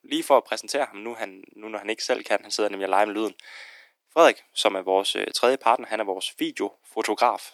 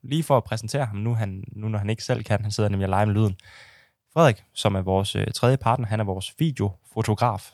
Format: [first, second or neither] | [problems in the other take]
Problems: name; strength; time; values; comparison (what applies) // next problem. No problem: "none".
second | thin; very; fading below 300 Hz